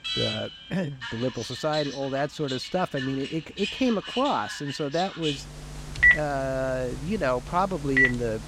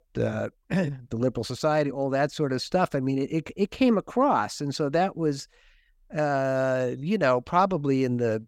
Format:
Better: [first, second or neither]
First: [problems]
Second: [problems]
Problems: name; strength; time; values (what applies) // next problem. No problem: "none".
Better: second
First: alarms or sirens; very loud; throughout; 1 dB above the speech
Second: none